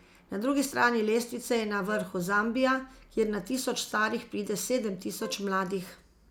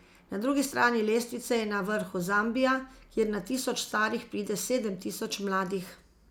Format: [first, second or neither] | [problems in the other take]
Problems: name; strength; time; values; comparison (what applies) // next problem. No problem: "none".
second | background sound (Wind instrument, woodwind instrument); 17 dB below the speech